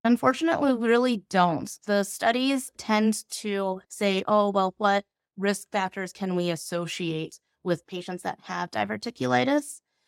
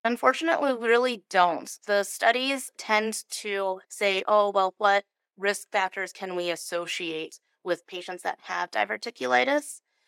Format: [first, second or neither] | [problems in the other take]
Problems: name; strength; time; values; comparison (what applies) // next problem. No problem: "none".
first | thin; somewhat; fading below 450 Hz